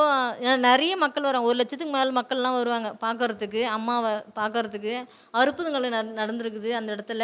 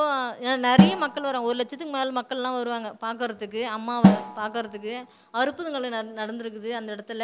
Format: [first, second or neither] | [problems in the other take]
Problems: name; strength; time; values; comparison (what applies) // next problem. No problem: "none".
first | background sound (Snare drum); 2 dB above the speech